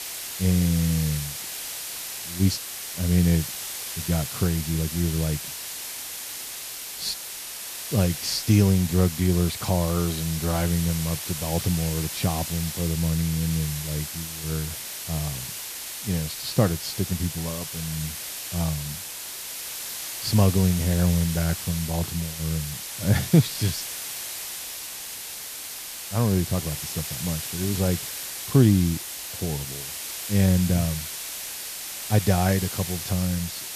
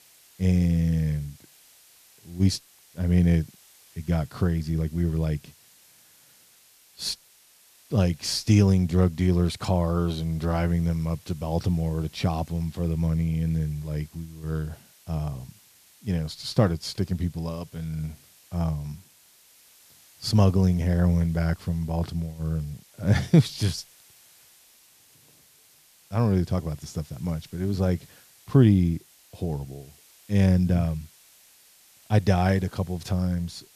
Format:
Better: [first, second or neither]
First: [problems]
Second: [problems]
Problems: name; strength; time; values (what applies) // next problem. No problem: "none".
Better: second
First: hiss; loud; throughout; 6 dB below the speech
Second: hiss; faint; throughout; 25 dB below the speech